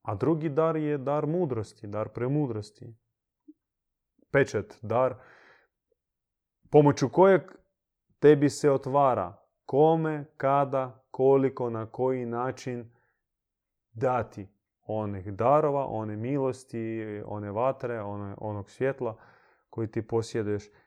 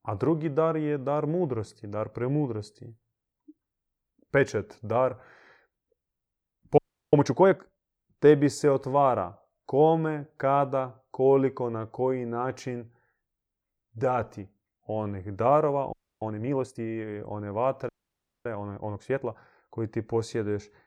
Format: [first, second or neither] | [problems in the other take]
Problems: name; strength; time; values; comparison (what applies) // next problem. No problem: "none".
first | audio freezing; at 7 s, at 16 s and at 18 s for 0.5 s